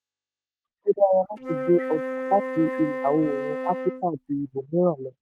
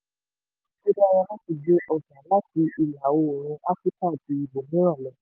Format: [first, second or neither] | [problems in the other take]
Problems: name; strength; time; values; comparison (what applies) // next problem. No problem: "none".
second | noise reduction (neural mask model RNNoise)